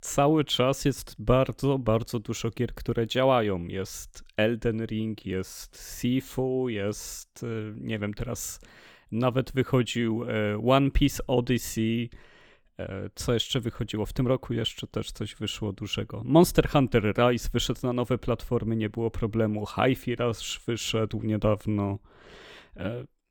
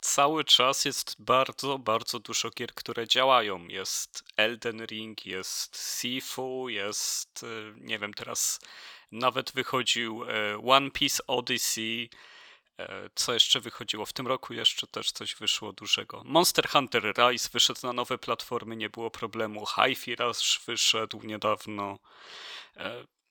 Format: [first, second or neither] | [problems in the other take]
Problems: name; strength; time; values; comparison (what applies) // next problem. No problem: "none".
first | thin; somewhat; fading below 1 kHz